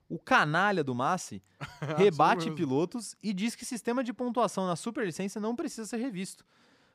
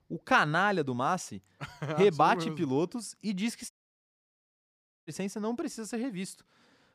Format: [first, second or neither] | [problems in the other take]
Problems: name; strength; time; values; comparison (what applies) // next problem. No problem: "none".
first | audio cutting out; at 3.5 s for 1.5 s